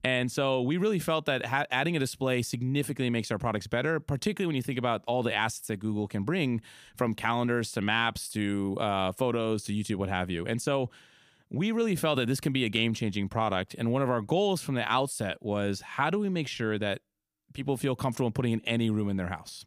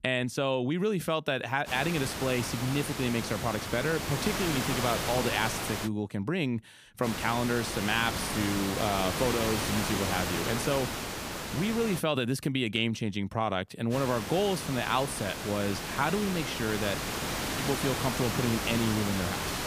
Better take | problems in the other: first | hiss; loud; from 1.5 to 6 s, from 7 to 12 s and from 14 s on; 3 dB below the speech

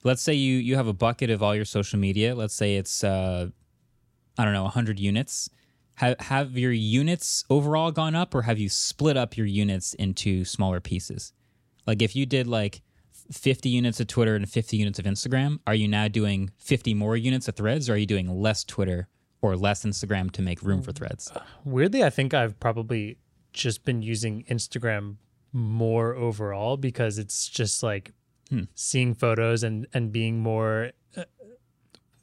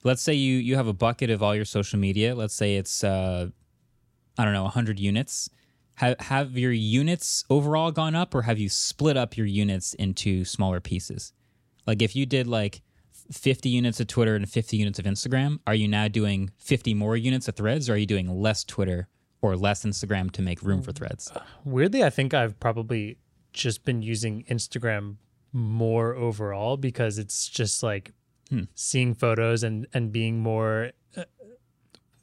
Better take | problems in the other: neither | none

